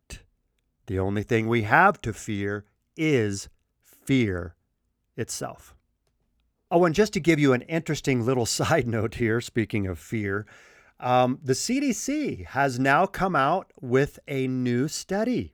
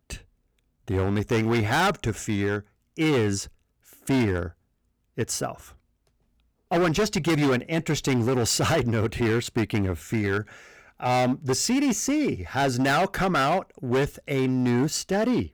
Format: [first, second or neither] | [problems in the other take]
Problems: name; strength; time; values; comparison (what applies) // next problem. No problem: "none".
first | distortion; heavy; 13% of the sound clipped